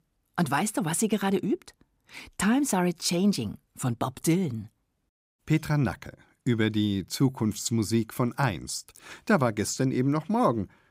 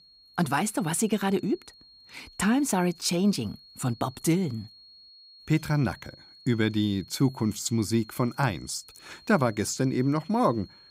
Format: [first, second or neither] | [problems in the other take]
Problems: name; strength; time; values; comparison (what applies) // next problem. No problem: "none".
first | high-pitched whine; faint; throughout; 4.5 kHz, 25 dB below the speech